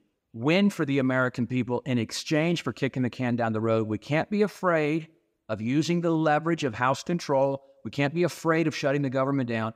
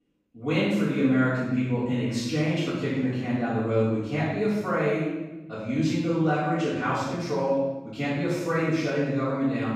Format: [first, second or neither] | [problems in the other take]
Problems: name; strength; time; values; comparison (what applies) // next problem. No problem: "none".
first | off-mic speech; far // room echo; strong; dies away in 1 s